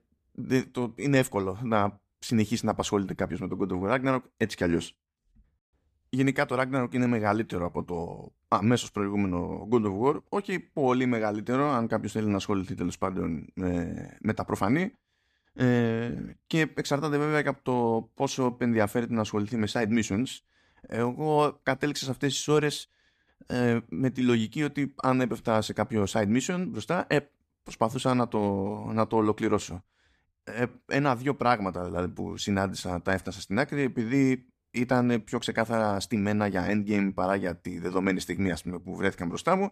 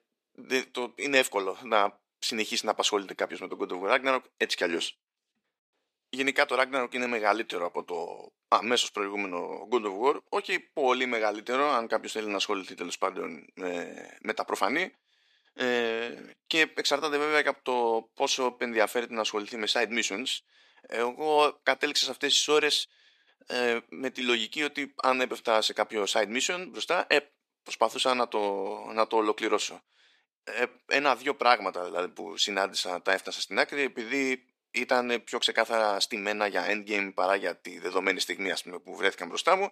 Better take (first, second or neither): first